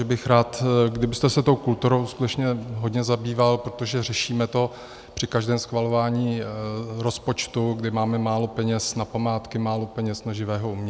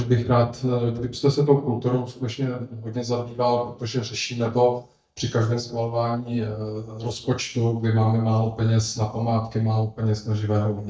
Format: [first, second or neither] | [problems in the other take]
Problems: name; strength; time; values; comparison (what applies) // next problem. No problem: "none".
first | noise reduction (neural mask model DeepFilterNet 3)